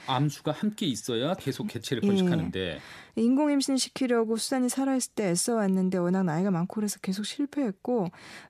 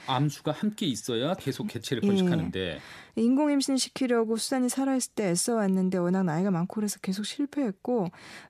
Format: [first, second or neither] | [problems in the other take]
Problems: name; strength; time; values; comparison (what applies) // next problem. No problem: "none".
neither | none